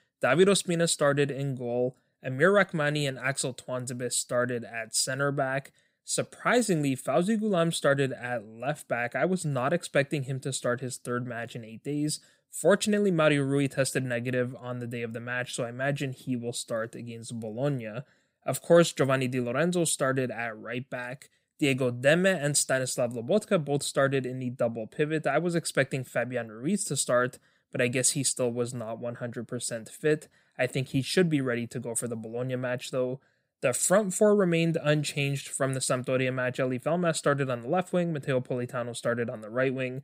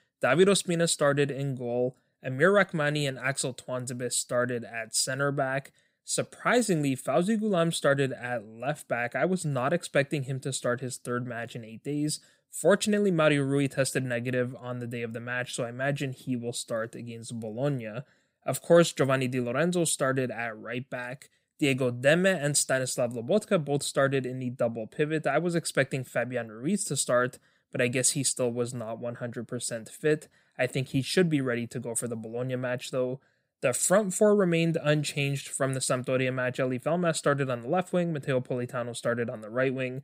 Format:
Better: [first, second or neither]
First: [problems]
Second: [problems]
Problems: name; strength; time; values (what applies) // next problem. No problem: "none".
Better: neither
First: none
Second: none